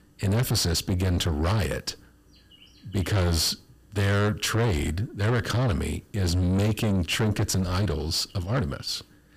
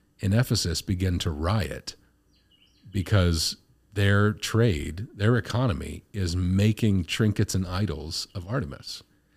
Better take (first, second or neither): second